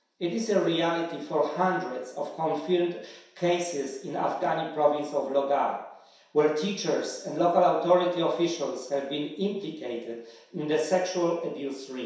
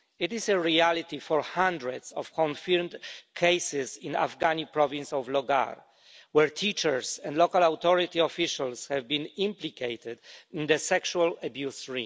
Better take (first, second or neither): second